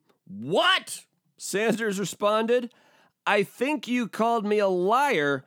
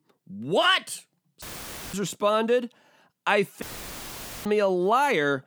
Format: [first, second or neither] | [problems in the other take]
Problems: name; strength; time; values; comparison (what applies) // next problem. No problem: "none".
first | audio cutting out; filled with static; at 1.5 s for 0.5 s and at 3.5 s for 1 s